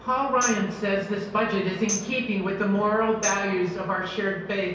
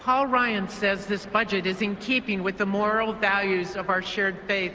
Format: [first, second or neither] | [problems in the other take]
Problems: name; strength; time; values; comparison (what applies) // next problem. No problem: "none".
second | background sound (Tambourine); 12 dB below the speech // room echo; dies away in 0.6 s